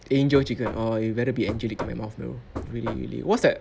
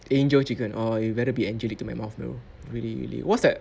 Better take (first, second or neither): second